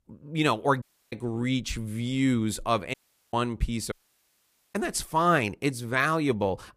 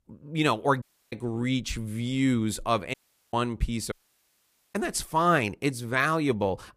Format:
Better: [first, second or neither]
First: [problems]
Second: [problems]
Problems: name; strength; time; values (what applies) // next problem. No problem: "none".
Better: neither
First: audio cutting out; at 1 s, at 3 s and at 4 s for 1 s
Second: audio cutting out; at 1 s, at 3 s and at 4 s for 1 s